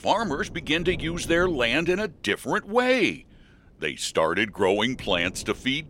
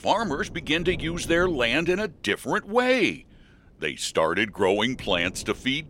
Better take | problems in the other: neither | wind noise on the microphone; occasional gusts; 25 dB below the speech; the same in both

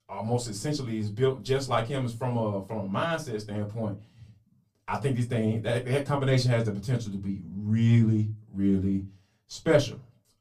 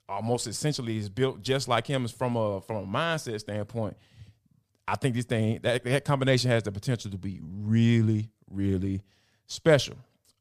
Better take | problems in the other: second | off-mic speech; far // room echo; very slight; dies away in 0.2 s

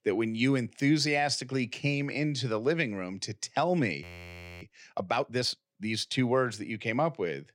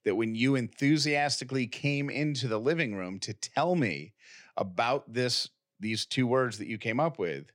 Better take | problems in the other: second | audio freezing; at 4 s for 0.5 s

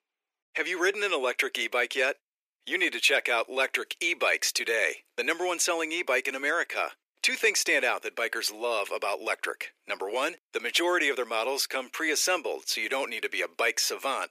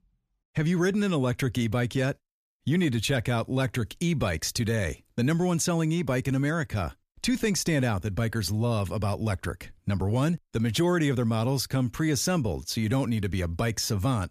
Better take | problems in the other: second | thin; very; fading below 350 Hz

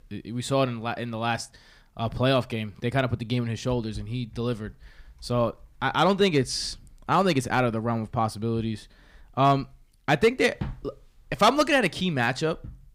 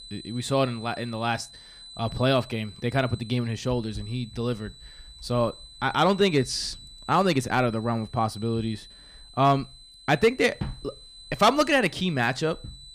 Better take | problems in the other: first | high-pitched whine; noticeable; throughout; 4 kHz, 20 dB below the speech

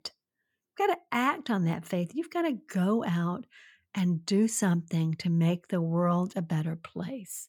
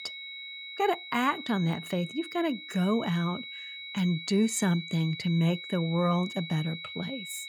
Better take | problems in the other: first | high-pitched whine; loud; throughout; 2 kHz, 10 dB below the speech

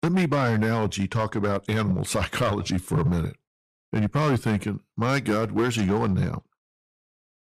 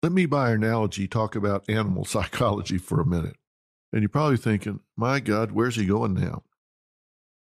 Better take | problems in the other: second | distortion; slight; 8% of the sound clipped

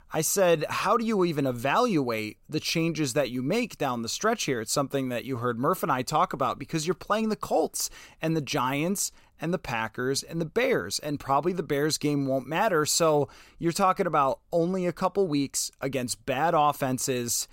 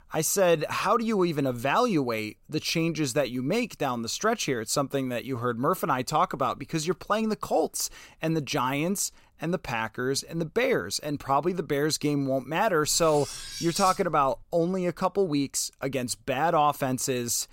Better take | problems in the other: first | clattering dishes; noticeable; from 13 to 14 s; peak 6 dB below the speech

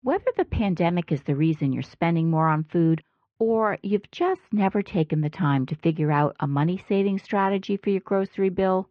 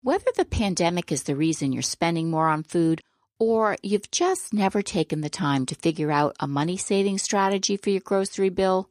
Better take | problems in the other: second | muffled; very; fading above 3 kHz

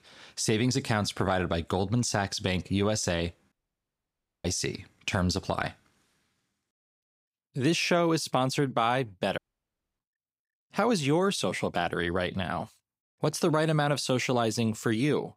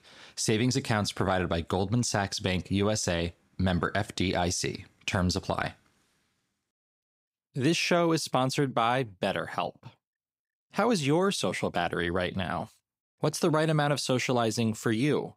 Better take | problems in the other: second | audio cutting out; at 3.5 s for 1 s and at 9.5 s for 0.5 s

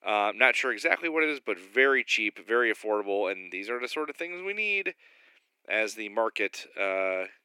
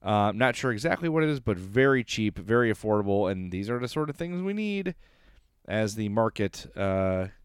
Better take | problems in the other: second | thin; very; fading below 300 Hz

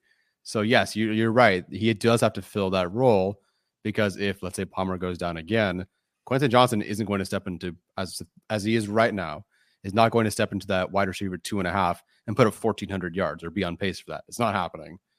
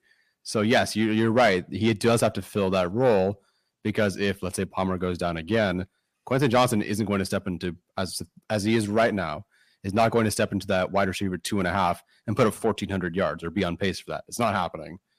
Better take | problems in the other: first | distortion; slight; 10 dB below the speech

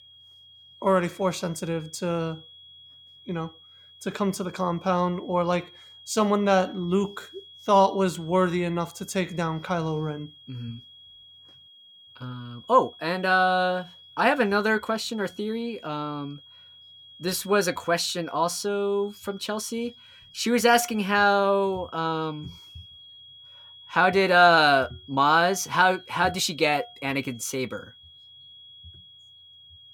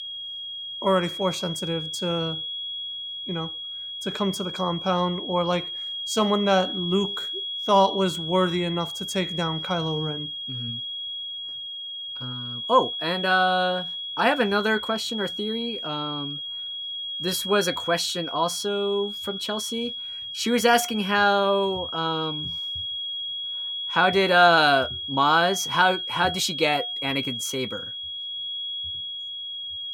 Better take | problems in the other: first | high-pitched whine; loud; throughout; 3.5 kHz, 6 dB below the speech; faint in the first

